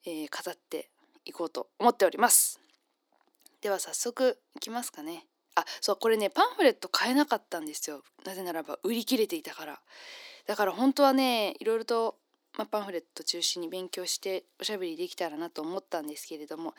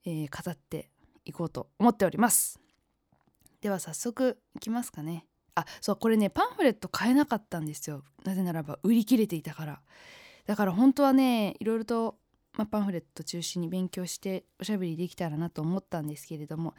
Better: second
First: thin; somewhat; fading below 300 Hz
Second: none

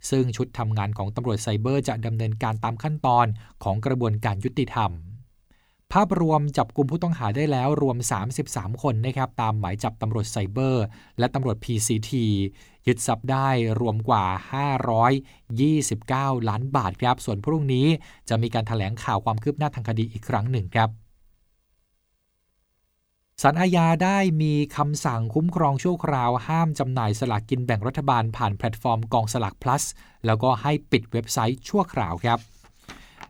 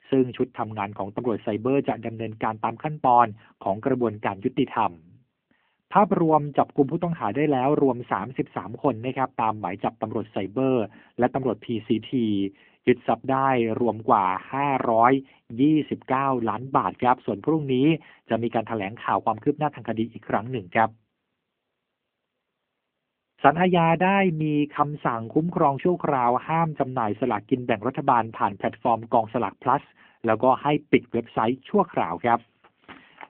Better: first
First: none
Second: phone-call audio

